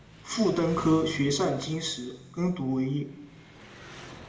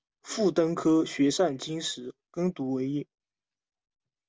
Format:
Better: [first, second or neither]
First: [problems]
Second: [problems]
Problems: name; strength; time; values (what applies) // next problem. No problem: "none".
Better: second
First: background sound (Engine); 15 dB below the speech // room echo; dies away in 0.9 s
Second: none